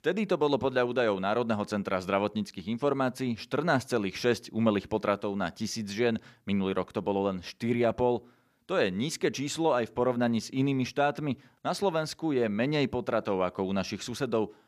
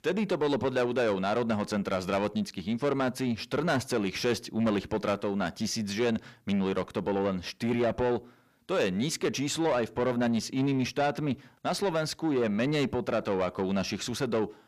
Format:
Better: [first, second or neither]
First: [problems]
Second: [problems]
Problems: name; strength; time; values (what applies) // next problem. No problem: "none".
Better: first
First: none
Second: distortion; slight; 10 dB below the speech